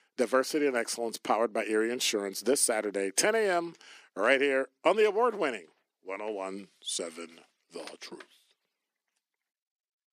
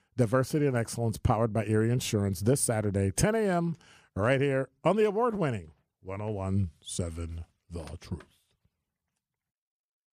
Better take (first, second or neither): second